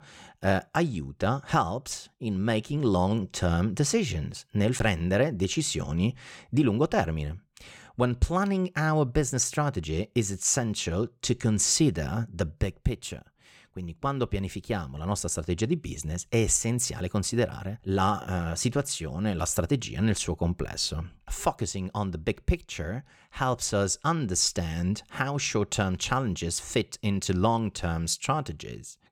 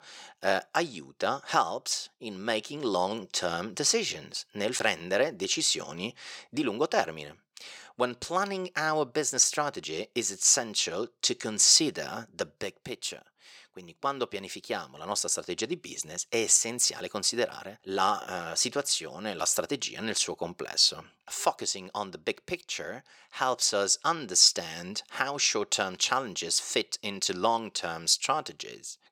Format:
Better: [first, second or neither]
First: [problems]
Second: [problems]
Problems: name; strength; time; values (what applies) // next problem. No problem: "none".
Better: first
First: none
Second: thin; somewhat; fading below 400 Hz